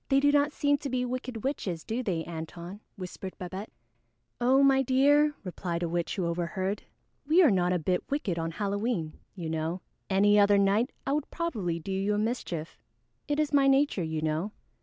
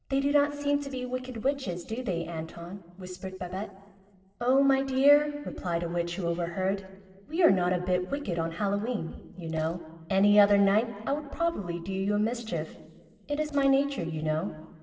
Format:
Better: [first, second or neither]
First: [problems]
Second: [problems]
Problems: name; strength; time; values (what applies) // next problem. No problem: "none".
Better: first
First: none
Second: noise reduction (neural separator model SepFormer DNS4)